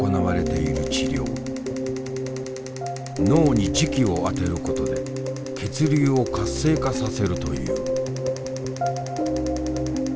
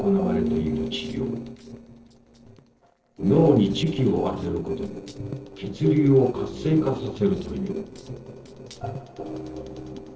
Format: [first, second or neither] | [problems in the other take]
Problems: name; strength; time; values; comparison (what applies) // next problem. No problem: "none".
first | noise reduction (neural separator model SepFormer DNS4)